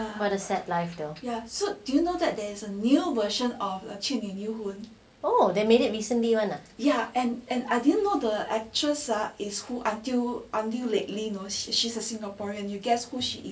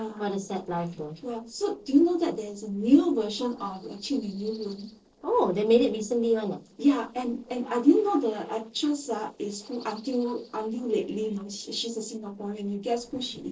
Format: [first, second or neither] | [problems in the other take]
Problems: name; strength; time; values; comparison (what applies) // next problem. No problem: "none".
first | noise reduction (neural separator model SepFormer DNS4)